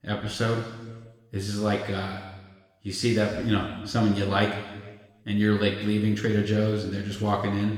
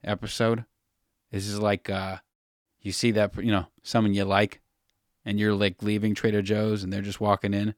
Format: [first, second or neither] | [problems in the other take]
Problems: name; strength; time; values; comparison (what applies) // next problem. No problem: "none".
second | room echo; noticeable; dies away in 1.2 s // off-mic speech; somewhat distant